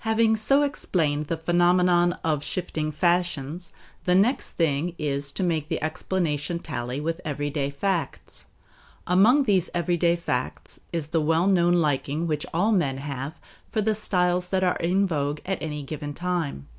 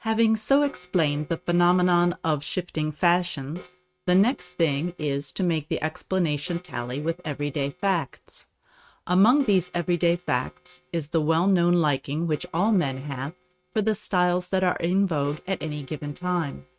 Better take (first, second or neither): first